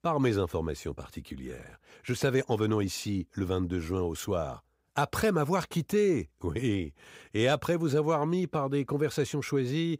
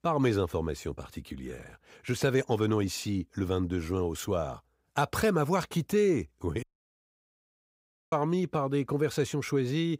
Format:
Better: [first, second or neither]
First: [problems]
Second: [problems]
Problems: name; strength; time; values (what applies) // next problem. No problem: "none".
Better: first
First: none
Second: audio cutting out; at 6.5 s for 1.5 s